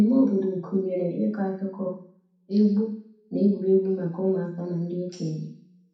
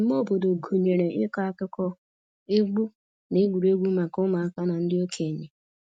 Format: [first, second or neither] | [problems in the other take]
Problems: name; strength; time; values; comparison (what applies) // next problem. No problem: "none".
second | room echo; dies away in 0.6 s